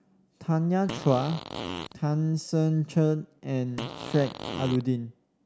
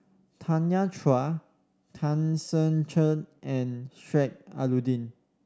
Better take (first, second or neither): second